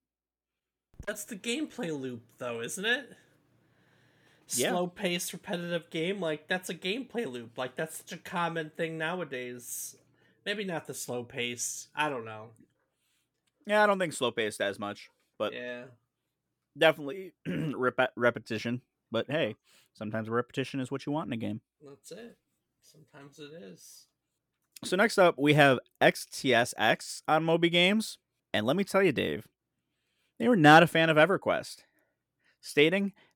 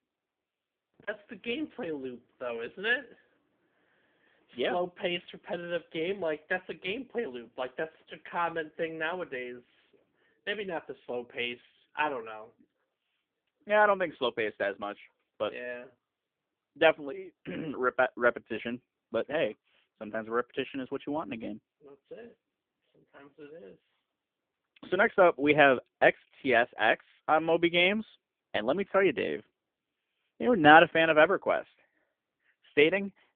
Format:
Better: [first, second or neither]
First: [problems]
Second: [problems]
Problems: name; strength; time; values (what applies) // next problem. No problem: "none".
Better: first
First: none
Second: phone-call audio; poor line; nothing above 3.5 kHz